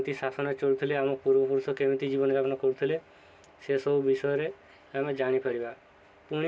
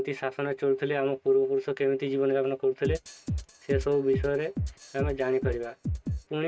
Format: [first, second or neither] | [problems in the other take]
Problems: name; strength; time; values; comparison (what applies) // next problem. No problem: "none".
first | noise reduction (neural mask model RNNoise)